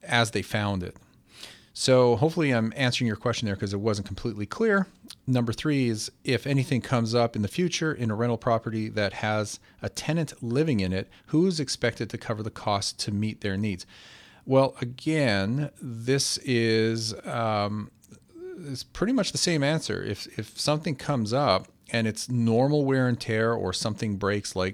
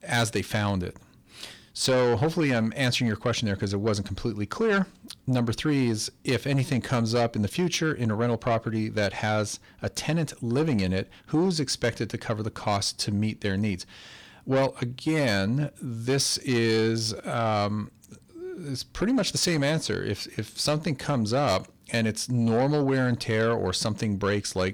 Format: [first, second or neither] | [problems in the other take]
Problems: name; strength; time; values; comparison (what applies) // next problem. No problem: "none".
first | distortion; slight; 10 dB below the speech